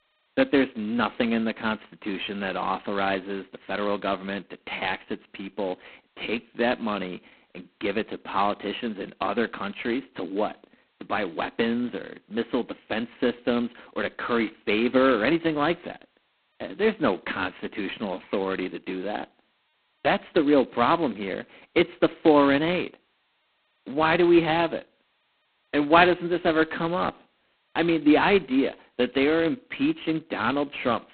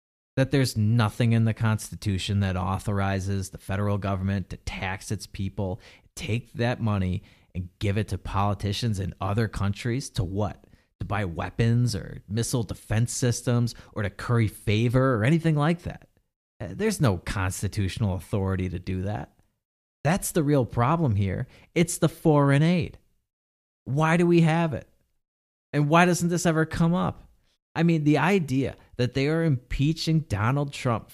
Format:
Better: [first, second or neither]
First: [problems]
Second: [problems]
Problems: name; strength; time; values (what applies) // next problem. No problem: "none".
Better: second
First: phone-call audio; poor line; nothing above 4 kHz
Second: none